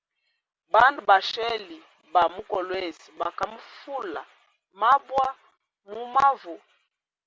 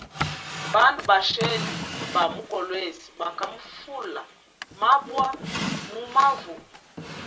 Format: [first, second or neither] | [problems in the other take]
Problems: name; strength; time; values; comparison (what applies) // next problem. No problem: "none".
first | background sound (Drawer open or close); 9 dB below the speech // room echo; dies away in 0.2 s